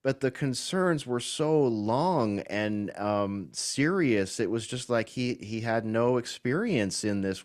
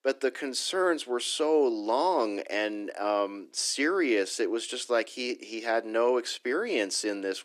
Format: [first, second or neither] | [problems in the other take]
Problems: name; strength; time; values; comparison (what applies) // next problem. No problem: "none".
first | thin; somewhat; fading below 300 Hz